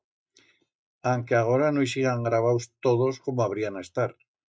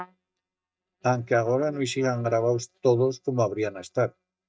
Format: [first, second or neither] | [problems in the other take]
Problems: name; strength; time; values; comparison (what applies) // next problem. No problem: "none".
first | noise reduction (neural mask model DeepFilterNet 3)